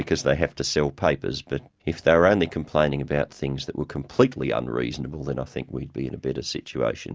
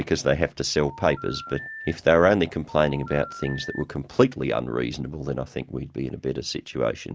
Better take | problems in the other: first | background sound (Telephone); 16 dB below the speech

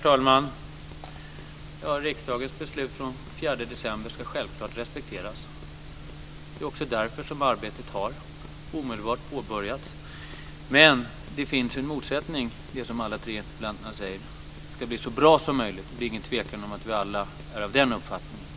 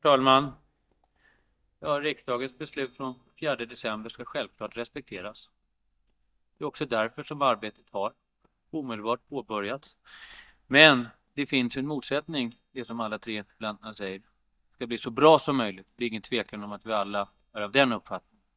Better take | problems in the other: first | noise reduction (neural mask model DeepFilterNet 3)

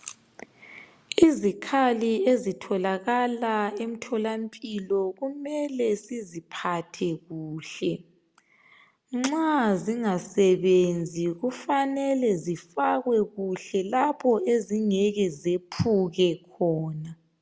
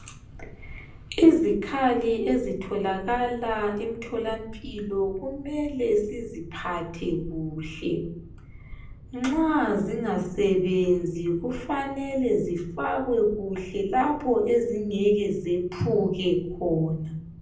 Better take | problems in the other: first | background sound (Boat, Water vehicle); 17 dB below the speech // room echo; dies away in 0.6 s

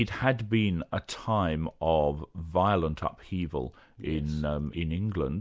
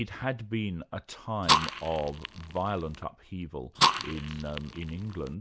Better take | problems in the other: first | background sound (Fire); 4 dB above the speech

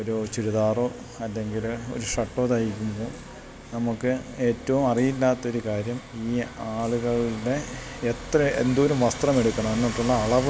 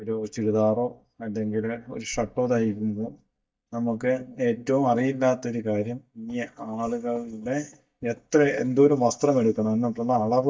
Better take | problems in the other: first | noise reduction (neural mask model DeepFilterNet 3)

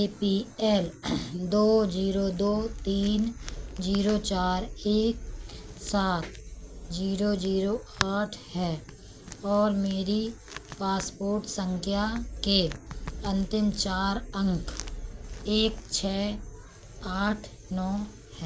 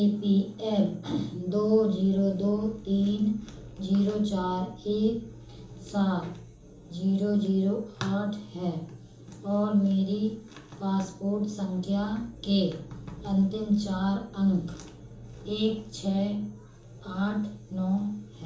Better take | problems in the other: first | room echo; dies away in 1.2 s

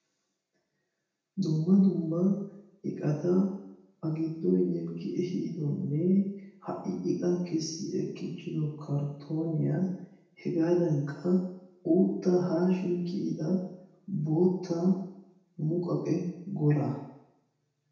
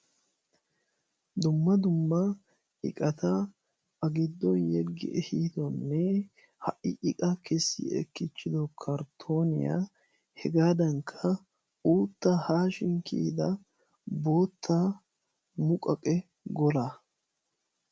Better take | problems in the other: second | room echo; dies away in 0.8 s

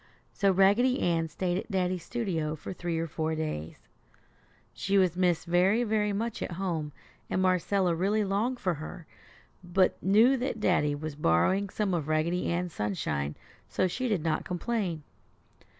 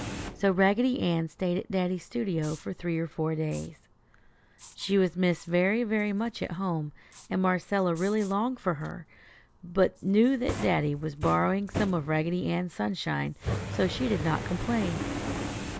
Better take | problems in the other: first | background sound (Fire); 11 dB below the speech

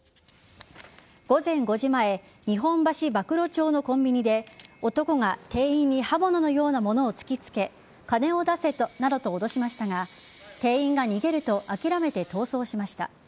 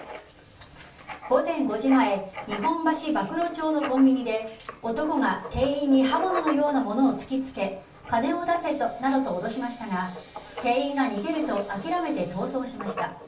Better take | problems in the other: first | background sound (Writing); 14 dB below the speech // room echo; dies away in 0.3 s

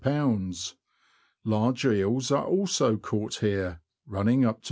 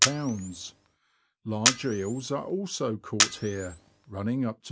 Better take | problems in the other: first | background sound (Camera); 1 dB above the speech

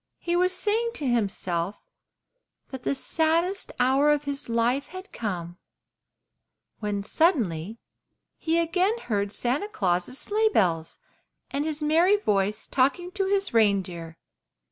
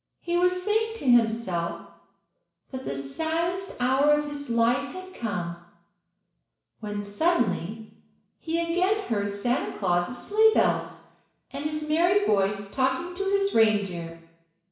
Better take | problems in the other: first | room echo; dies away in 0.7 s

